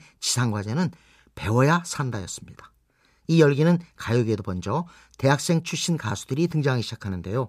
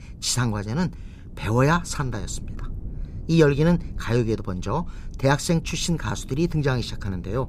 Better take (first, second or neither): first